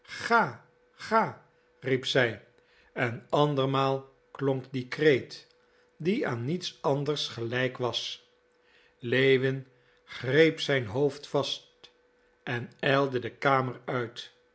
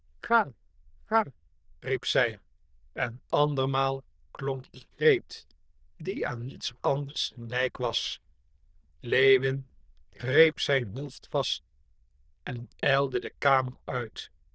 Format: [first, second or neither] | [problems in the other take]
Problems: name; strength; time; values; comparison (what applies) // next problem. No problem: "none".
first | noise reduction (neural diffusion model UNIVERSE++)